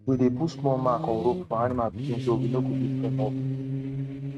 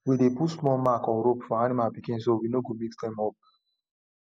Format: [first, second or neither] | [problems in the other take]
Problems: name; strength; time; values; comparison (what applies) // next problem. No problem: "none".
second | noise reduction (neural mask model RNNoise)